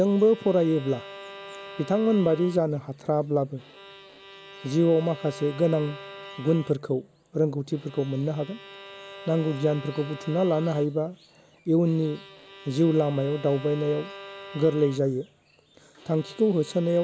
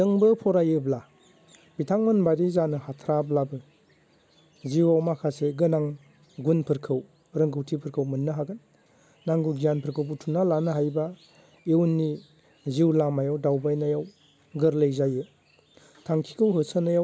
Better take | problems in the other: second | background sound (Bowed string instrument); 18 dB below the speech

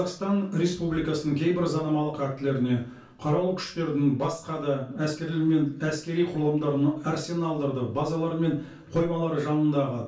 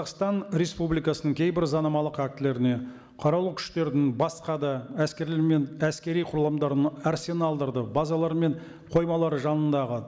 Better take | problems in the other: second | room echo; dies away in 0.2 s

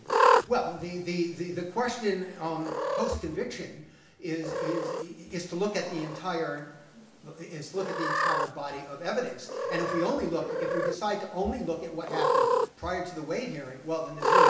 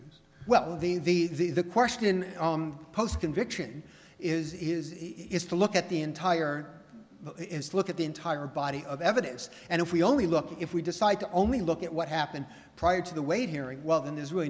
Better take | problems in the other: second | background sound (Cat); 2 dB above the speech // room echo; dies away in 0.7 s

